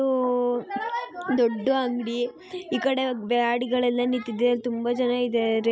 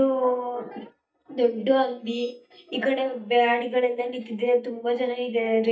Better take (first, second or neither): first